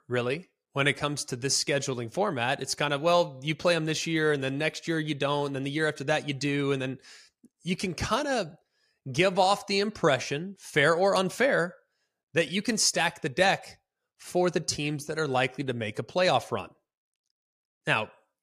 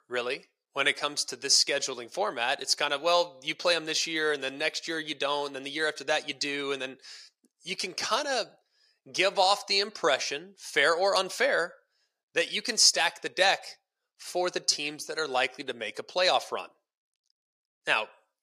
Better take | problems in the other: first | thin; somewhat; fading below 450 Hz

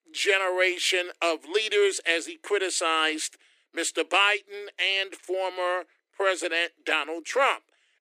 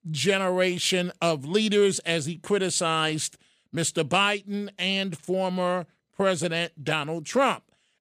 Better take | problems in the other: second | thin; very; fading below 300 Hz

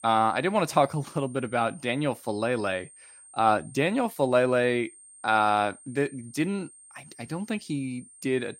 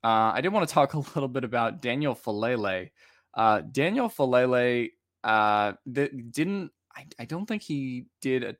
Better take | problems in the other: second | high-pitched whine; faint; throughout; 8.5 kHz, 20 dB below the speech

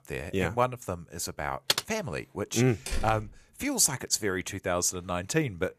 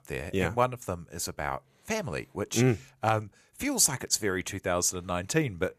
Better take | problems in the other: second | keyboard typing; loud; at 1.5 s; peak 1 dB above the speech // door banging; noticeable; at 3 s; peak 7 dB below the speech

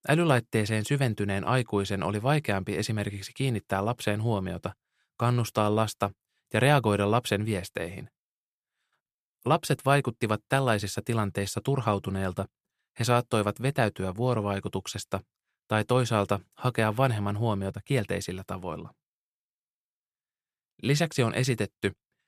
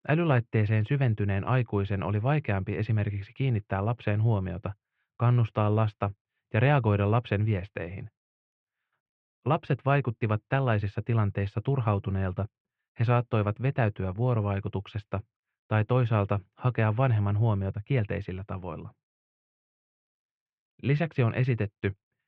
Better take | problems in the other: first | muffled; very; fading above 2.5 kHz

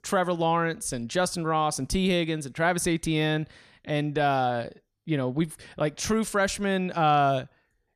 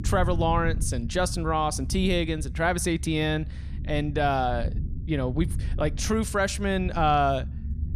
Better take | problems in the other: first | low rumble; faint; throughout; 20 dB below the speech

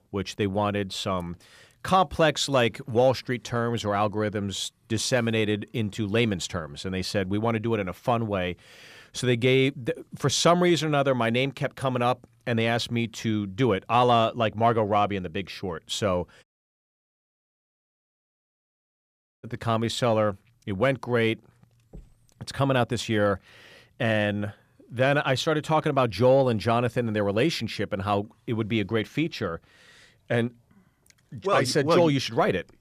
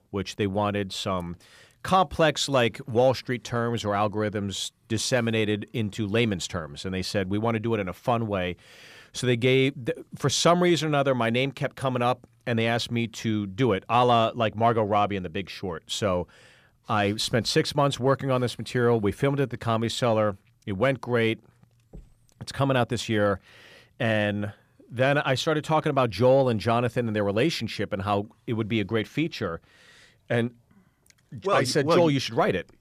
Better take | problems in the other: second | audio cutting out; at 16 s for 3 s

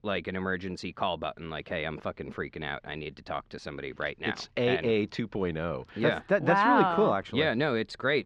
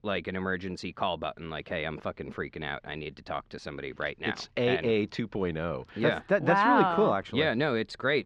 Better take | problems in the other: neither | muffled; very slightly; fading above 3.5 kHz; the same in both

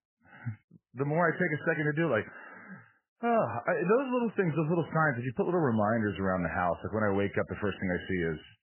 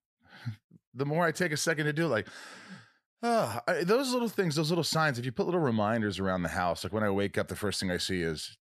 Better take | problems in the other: second | garbled, watery; badly; nothing above 3 kHz

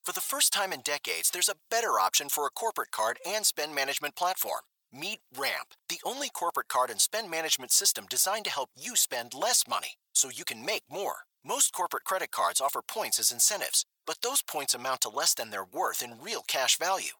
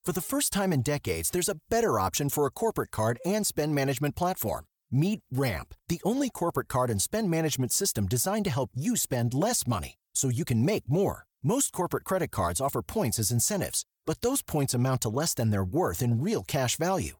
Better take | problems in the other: second | thin; very; fading below 900 Hz

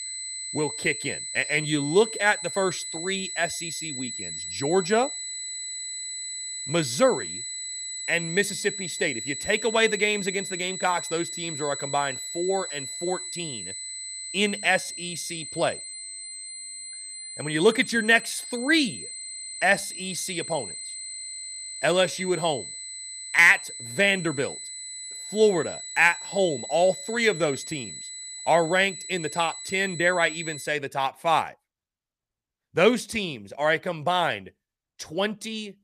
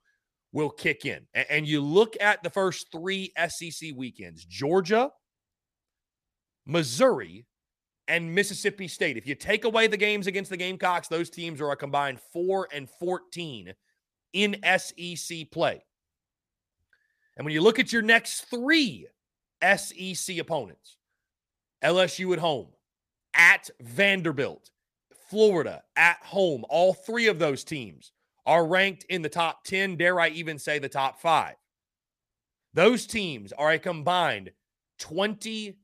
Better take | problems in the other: second | high-pitched whine; loud; until 31 s; 8 kHz, 8 dB below the speech

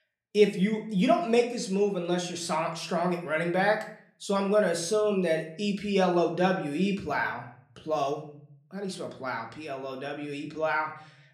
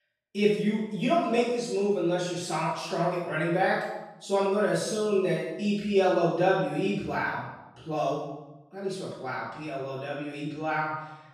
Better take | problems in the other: first | room echo; strong; dies away in 0.8 s; slight in the first // off-mic speech; far; somewhat distant in the first

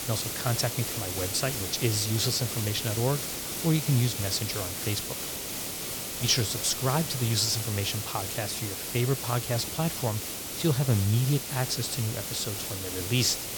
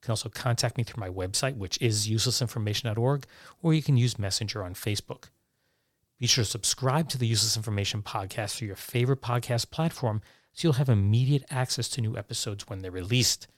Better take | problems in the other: second | hiss; loud; throughout; 3 dB below the speech

